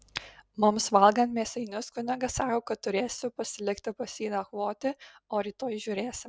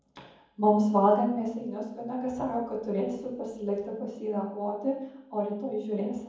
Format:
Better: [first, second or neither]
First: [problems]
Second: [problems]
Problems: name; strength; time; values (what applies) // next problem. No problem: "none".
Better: first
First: none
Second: room echo; dies away in 1.2 s